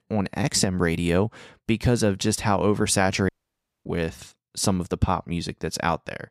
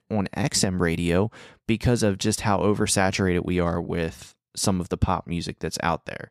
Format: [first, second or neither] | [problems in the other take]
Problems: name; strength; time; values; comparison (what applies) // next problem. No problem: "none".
second | audio cutting out; at 3.5 s for 0.5 s